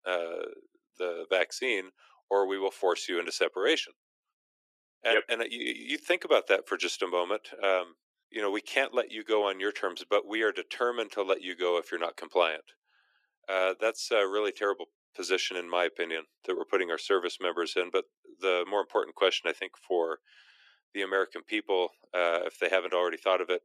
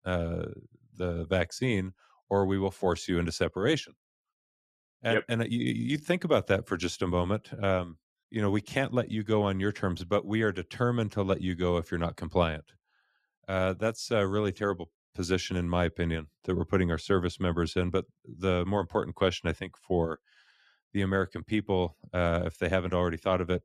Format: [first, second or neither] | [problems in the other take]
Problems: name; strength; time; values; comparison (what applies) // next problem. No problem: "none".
second | thin; very; fading below 350 Hz